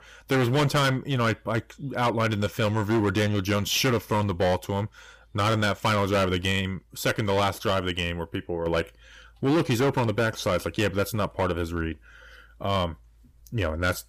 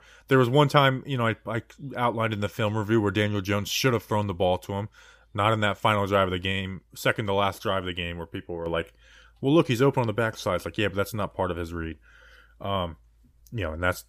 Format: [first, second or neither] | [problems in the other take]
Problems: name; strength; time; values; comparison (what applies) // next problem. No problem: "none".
second | distortion; heavy; 11% of the sound clipped